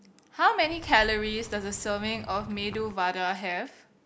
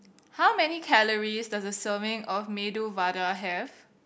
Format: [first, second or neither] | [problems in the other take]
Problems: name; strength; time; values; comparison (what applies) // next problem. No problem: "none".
second | background sound (Bird vocalization, bird call, bird song); 14 dB below the speech